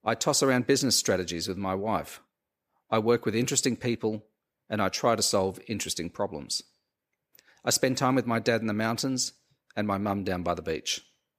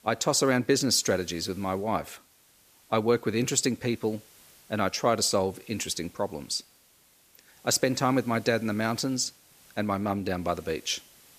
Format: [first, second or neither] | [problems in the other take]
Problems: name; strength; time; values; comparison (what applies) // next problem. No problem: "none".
first | hiss; faint; throughout; 25 dB below the speech